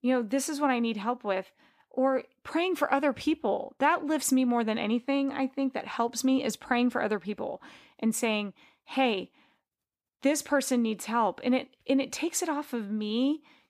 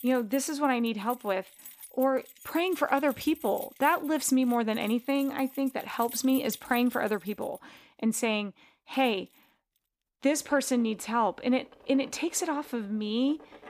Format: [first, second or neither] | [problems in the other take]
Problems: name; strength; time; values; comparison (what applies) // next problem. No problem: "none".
first | household noises; noticeable; throughout; 15 dB below the speech